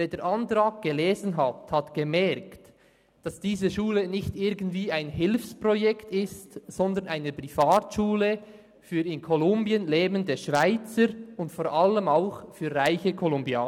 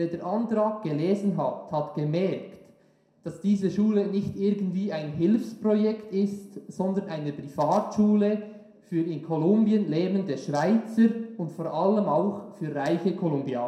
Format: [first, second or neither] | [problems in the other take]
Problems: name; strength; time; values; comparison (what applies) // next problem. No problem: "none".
first | room echo; dies away in 0.6 s